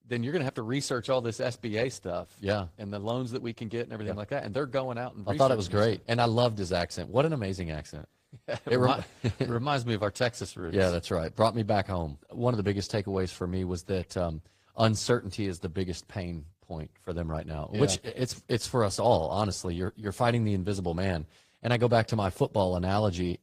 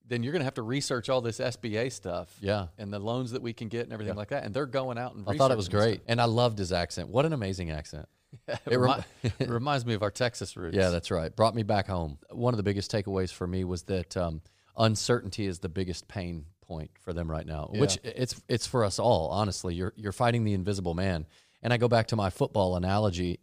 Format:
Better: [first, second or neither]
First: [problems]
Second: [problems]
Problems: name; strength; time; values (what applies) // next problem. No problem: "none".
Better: second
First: garbled, watery; slightly; nothing above 15 kHz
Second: none